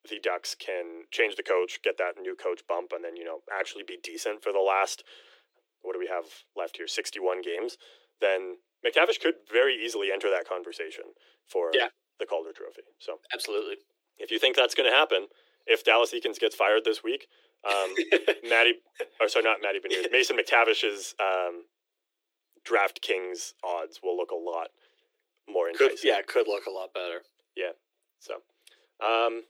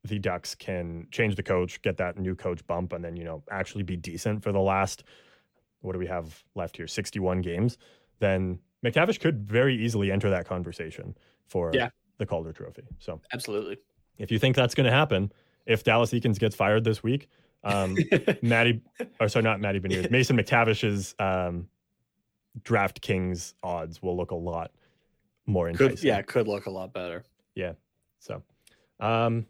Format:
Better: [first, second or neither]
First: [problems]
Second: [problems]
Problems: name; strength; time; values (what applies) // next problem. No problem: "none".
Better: second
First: thin; very; fading below 350 Hz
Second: none